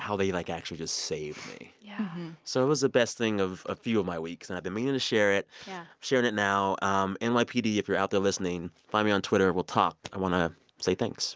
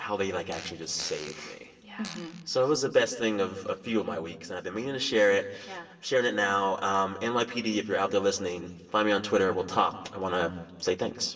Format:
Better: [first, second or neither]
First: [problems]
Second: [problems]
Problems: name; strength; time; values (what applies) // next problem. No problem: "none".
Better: first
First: none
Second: background sound (Fart); 18 dB below the speech // room echo; dies away in 1.3 s